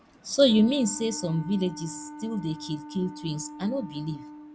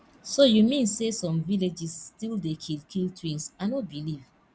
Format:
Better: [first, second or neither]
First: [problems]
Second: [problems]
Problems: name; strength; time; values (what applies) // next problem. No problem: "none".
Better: second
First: background sound (Wind instrument, woodwind instrument); 15 dB below the speech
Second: none